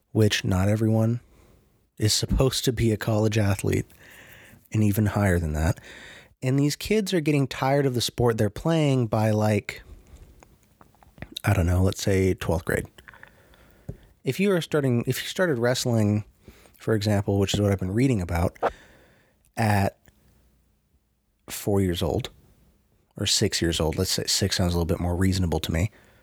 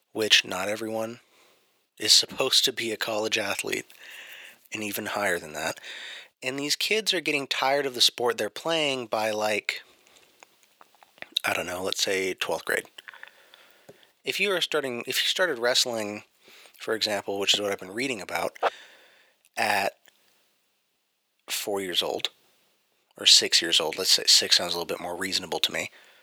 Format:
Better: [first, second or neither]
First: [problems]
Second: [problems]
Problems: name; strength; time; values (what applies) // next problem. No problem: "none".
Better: first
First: none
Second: thin; very; fading below 500 Hz